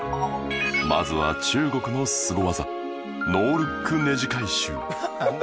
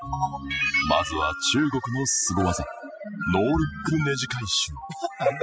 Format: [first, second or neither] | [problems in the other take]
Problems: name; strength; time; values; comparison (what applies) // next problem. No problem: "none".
first | noise reduction (classical method spectral subtraction)